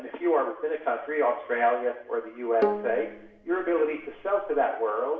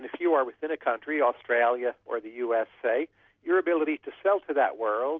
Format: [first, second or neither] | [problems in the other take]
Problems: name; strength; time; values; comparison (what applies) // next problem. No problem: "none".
second | background sound (Bowed string instrument); 6 dB below the speech // room echo; dies away in 0.7 s